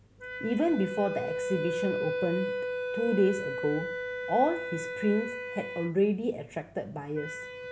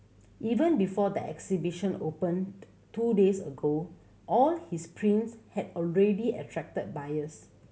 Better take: second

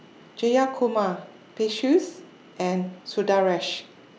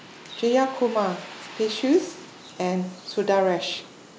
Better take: first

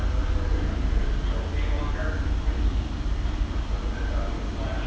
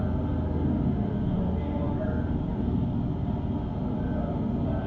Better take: first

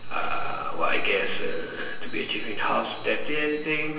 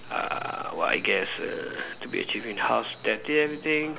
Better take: second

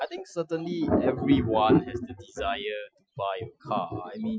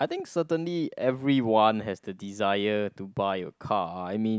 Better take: second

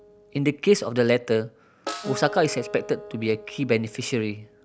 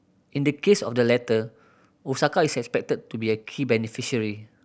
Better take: second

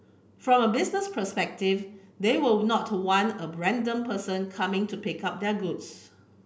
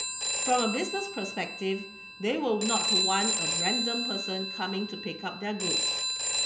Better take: first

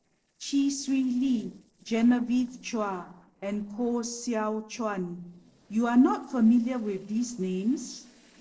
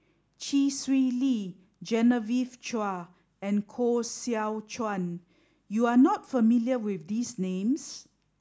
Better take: second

